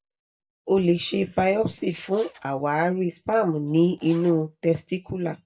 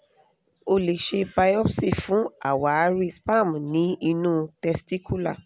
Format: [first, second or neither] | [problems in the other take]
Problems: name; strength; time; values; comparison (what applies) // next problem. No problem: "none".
second | noise reduction (neural mask model DeepFilterNet 3)